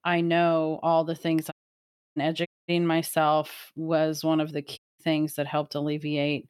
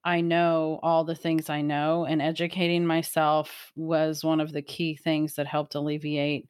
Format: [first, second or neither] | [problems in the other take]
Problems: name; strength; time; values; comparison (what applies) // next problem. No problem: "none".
second | audio cutting out; at 1.5 s for 0.5 s, at 2.5 s and at 5 s